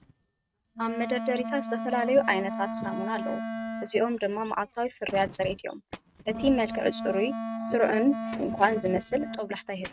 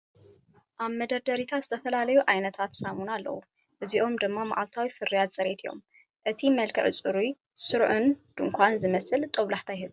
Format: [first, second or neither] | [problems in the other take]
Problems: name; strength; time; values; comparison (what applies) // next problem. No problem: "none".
second | noise reduction (neural mask model RNNoise)